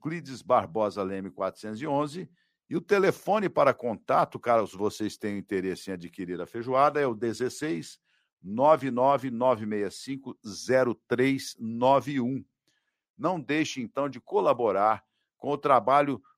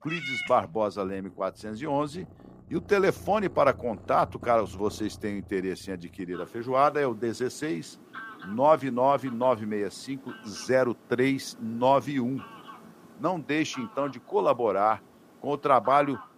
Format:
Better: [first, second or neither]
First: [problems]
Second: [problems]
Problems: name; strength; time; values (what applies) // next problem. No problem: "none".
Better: first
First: none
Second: animal sounds; noticeable; throughout; 15 dB below the speech